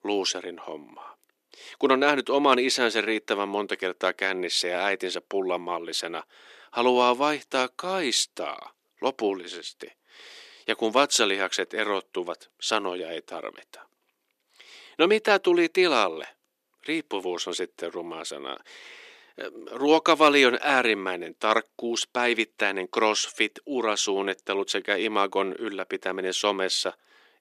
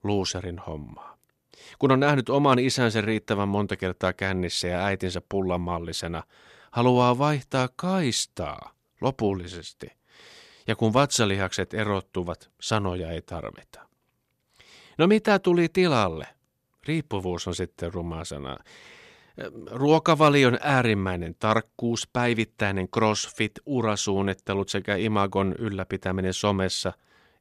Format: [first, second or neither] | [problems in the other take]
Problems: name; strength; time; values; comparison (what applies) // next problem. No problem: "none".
second | thin; somewhat; fading below 300 Hz